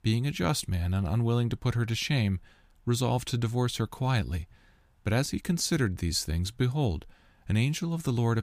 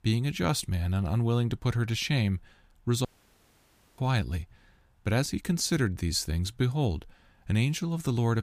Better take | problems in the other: first | audio cutting out; at 3 s for 1 s

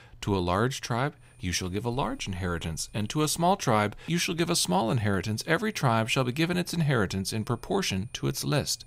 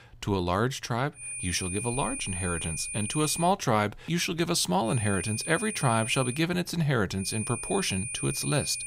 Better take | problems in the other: first | high-pitched whine; loud; from 1 to 3.5 s, from 5 to 6.5 s and from 7 s on; 9.5 kHz, 6 dB below the speech; faint in the first

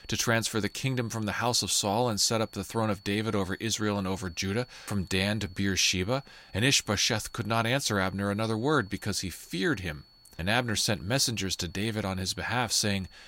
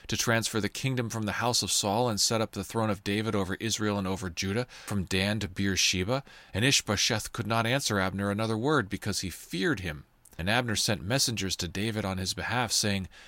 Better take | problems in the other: second | high-pitched whine; faint; throughout; 4.5 kHz, 25 dB below the speech

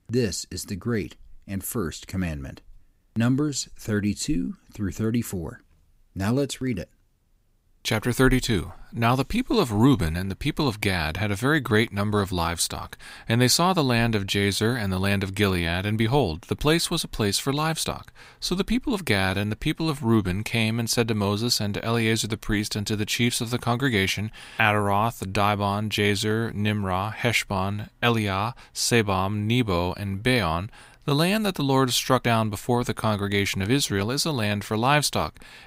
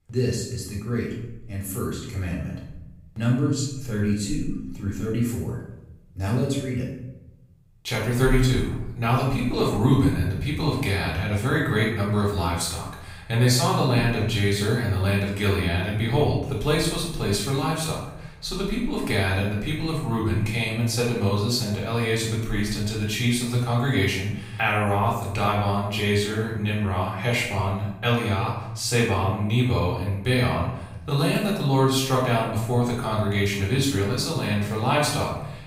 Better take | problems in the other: first | off-mic speech; far // room echo; noticeable; dies away in 0.8 s

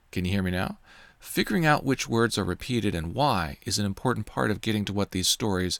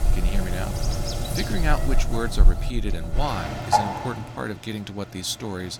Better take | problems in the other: first | animal sounds; very loud; throughout; 4 dB above the speech

